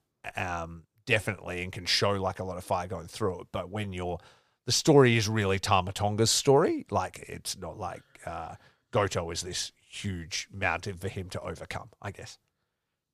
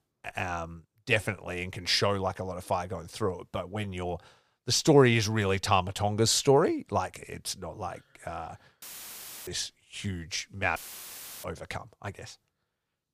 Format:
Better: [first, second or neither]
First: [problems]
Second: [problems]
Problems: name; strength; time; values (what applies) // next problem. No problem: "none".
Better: first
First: none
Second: audio cutting out; filled with static; at 9 s for 0.5 s and at 11 s for 0.5 s